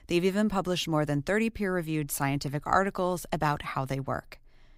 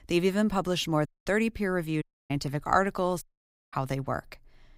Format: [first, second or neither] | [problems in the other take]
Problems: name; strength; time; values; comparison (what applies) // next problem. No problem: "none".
first | audio cutting out; at 1 s, at 2 s and at 3 s for 0.5 s